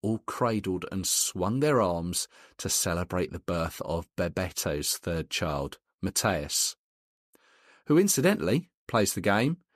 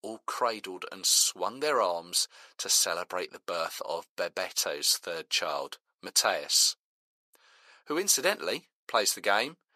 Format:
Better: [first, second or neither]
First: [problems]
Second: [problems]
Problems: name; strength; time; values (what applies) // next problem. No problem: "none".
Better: first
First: none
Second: thin; very; fading below 650 Hz